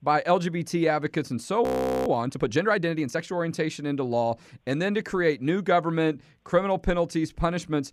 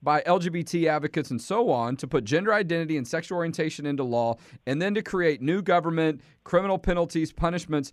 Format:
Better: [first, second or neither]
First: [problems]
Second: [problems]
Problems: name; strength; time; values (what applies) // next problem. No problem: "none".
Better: second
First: audio freezing; at 1.5 s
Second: none